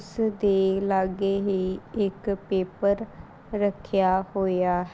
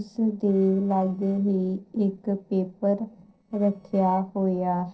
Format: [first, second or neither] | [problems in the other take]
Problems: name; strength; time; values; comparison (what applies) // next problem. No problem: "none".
first | noise reduction (neural separator model SepFormer DNS4)